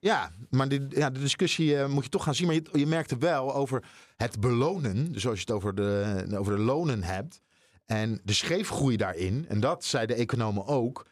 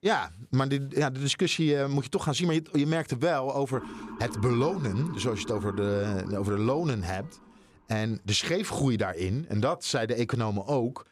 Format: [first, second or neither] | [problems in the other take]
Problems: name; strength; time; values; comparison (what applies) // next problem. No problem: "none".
first | siren; faint; from 3.5 to 7.5 s; peak 10 dB below the speech